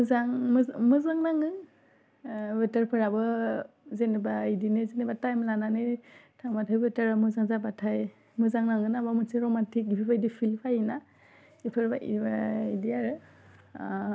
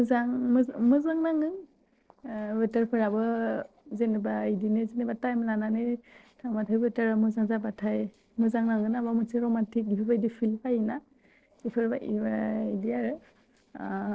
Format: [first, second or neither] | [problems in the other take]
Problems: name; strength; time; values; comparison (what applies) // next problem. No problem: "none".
first | noise reduction (neural separator model SepFormer DNS4)